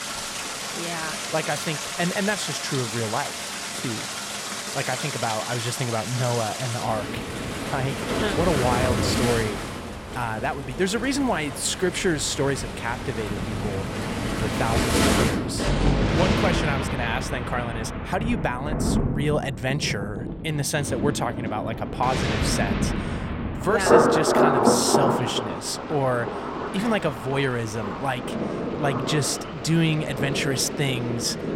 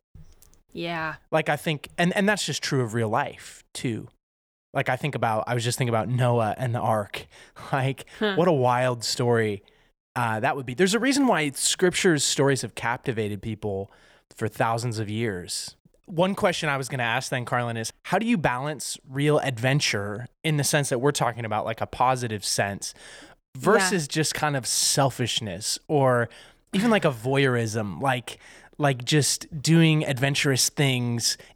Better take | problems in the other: second | rain or running water; very loud; throughout; as loud as the speech

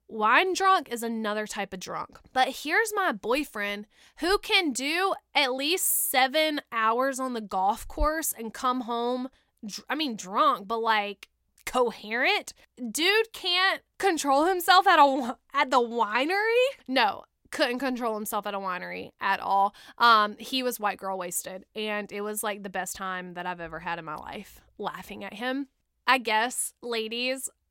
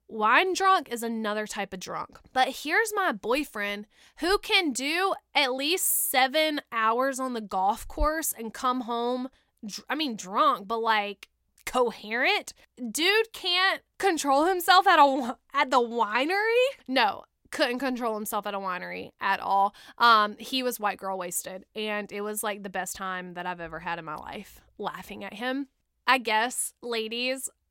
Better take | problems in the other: neither | none

